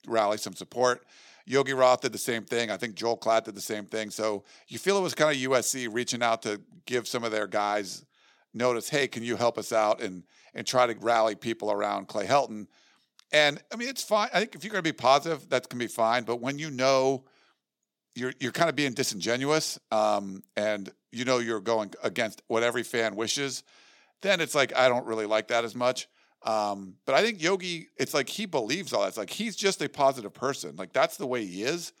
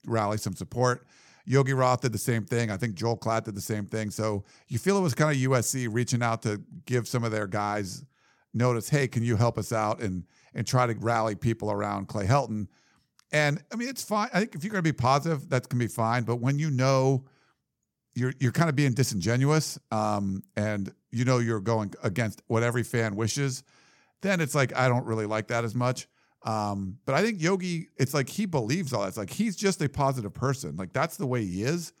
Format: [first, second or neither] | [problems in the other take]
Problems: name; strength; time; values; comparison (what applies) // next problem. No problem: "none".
second | thin; somewhat; fading below 350 Hz